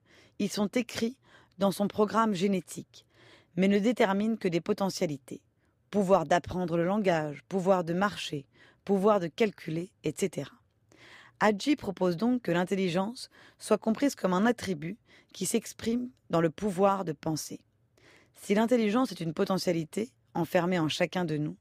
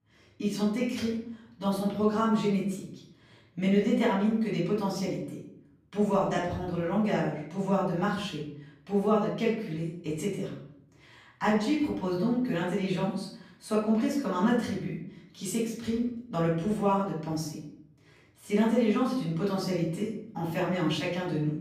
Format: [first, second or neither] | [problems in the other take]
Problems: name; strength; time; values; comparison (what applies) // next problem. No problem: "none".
first | off-mic speech; far // room echo; noticeable; dies away in 0.6 s